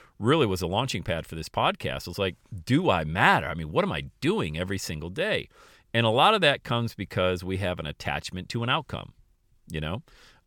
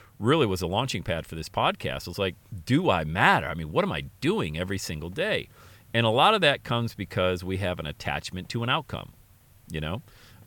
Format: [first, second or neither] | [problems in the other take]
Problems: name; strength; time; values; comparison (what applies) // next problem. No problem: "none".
first | hiss; faint; throughout; 30 dB below the speech